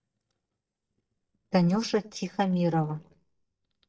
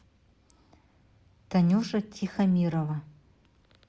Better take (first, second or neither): second